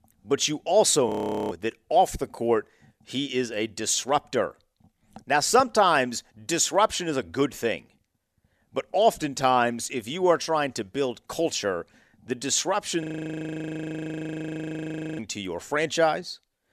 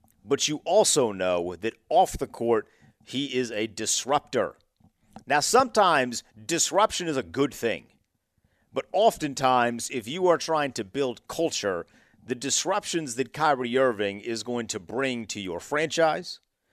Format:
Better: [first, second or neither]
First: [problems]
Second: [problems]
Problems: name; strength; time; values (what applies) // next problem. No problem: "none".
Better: second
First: audio freezing; at 1 s and at 13 s for 2 s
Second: none